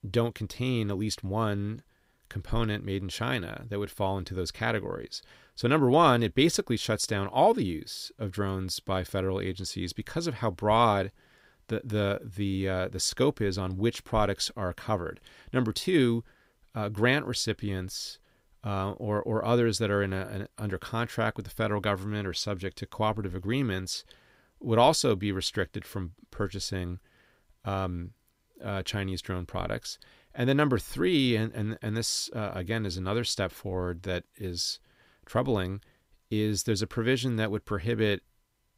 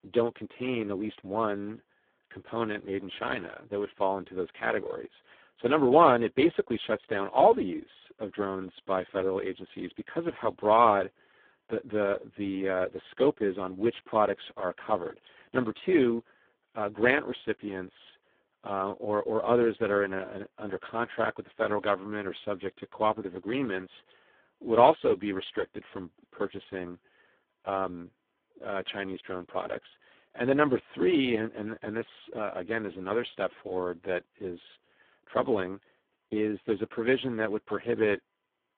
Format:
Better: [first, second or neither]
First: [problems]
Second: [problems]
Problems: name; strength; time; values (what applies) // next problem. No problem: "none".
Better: first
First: none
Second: phone-call audio; poor line